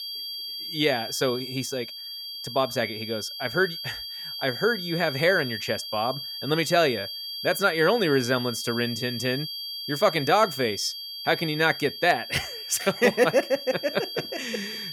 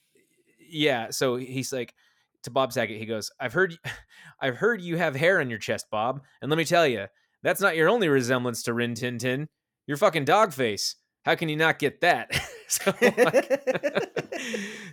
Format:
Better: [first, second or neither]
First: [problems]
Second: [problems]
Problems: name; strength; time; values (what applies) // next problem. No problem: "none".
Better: second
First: high-pitched whine; loud; throughout; 4.5 kHz, 7 dB below the speech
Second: none